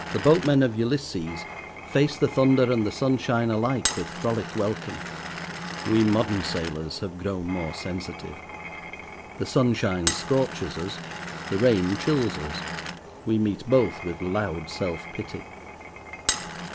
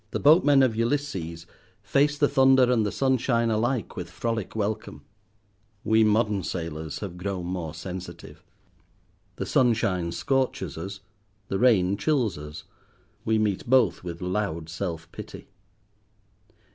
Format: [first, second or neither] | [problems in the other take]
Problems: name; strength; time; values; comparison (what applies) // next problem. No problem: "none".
second | background sound (Glass); 9 dB below the speech